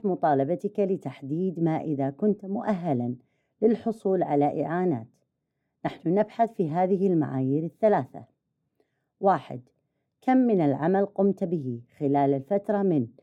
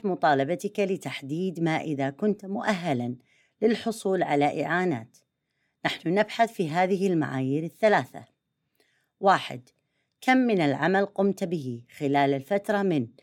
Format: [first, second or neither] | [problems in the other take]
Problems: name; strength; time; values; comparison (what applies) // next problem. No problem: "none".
second | muffled; very; fading above 1.5 kHz